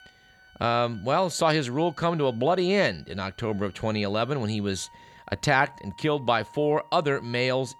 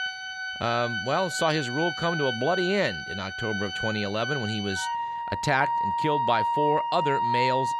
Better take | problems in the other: first | background music; loud; throughout; 1 dB below the speech; faint in the first

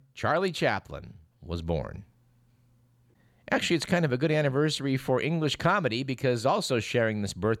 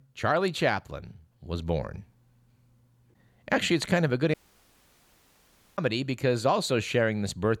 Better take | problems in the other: first | audio cutting out; at 4.5 s for 1.5 s

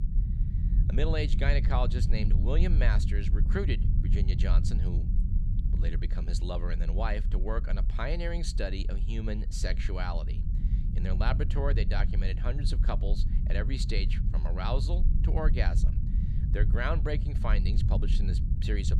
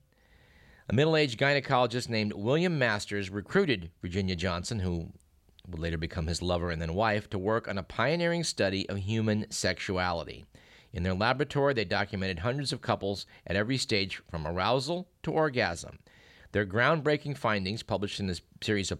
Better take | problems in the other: second | low rumble; loud; throughout; 9 dB below the speech

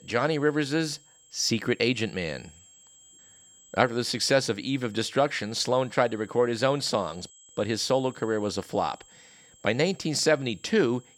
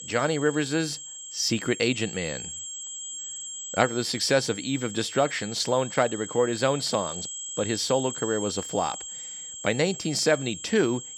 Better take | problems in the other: first | high-pitched whine; loud; throughout; 7.5 kHz, 9 dB below the speech; faint in the first

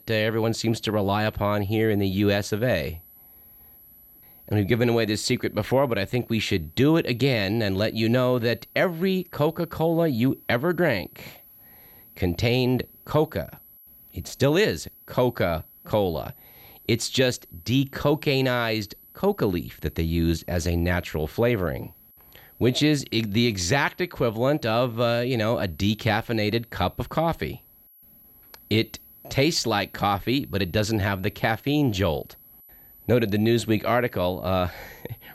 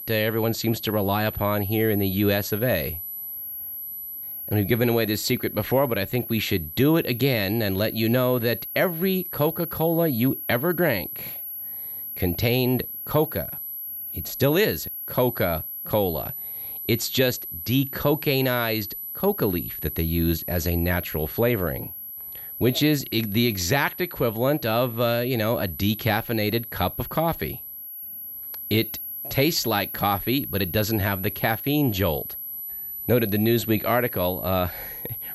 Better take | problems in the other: first | high-pitched whine; loud; throughout; 12 kHz, 8 dB below the speech; faint in the first

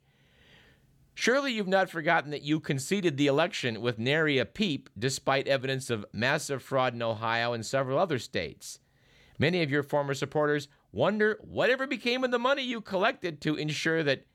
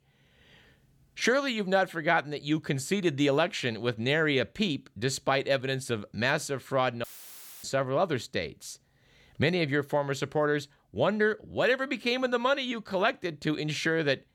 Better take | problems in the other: first | audio cutting out; filled with static; at 7 s for 0.5 s

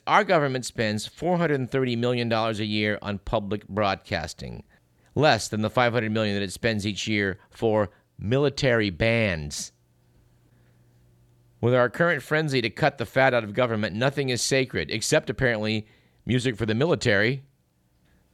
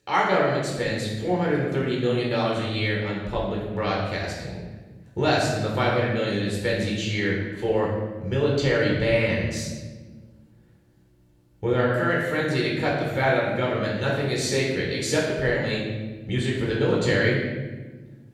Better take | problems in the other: first | off-mic speech; far // room echo; noticeable; dies away in 1.2 s

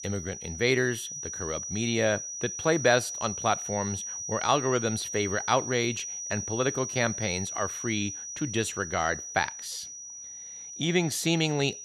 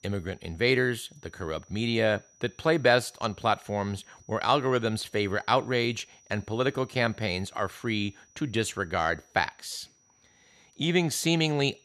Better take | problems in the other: second | high-pitched whine; loud; throughout; 6 kHz, 6 dB below the speech; faint in the second

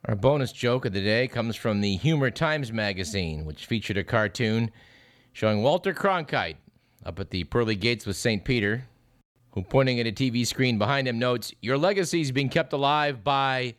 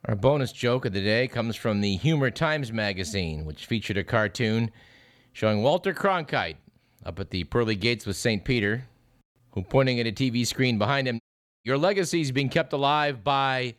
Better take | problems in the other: first | audio cutting out; at 11 s

